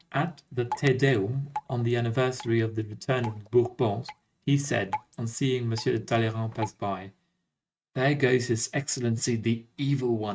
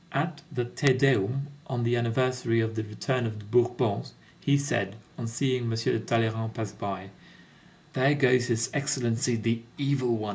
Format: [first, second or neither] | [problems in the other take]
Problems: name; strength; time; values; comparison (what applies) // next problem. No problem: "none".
second | noise reduction (neural mask model RNNoise)